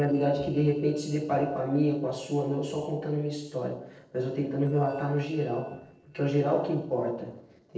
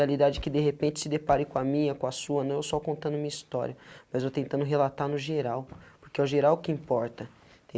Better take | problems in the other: second | noise reduction (neural separator model SepFormer DNS4)

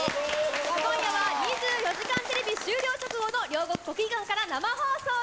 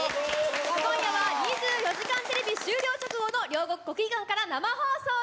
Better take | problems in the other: second | background sound (Rain + Fireworks); 15 dB below the speech

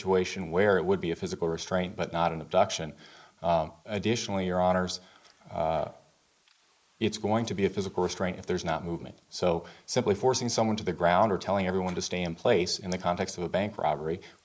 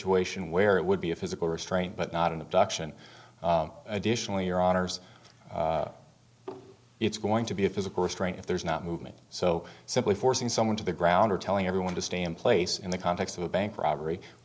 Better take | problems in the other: second | noise reduction (neural mask model Resemble Enhance denoiser)

